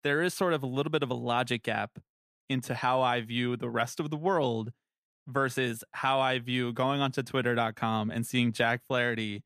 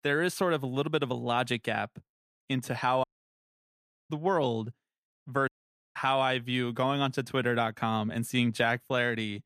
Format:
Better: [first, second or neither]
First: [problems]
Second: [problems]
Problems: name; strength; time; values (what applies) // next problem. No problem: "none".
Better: first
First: none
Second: audio cutting out; at 3 s for 1 s and at 5.5 s